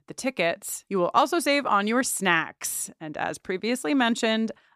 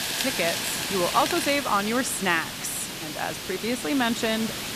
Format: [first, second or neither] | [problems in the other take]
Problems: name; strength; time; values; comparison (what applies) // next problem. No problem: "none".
first | hiss; loud; throughout; 3 dB below the speech